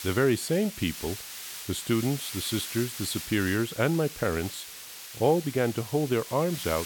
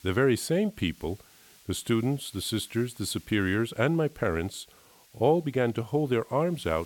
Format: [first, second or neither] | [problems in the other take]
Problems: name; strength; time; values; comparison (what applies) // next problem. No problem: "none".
second | hiss; loud; throughout; 10 dB below the speech; faint in the second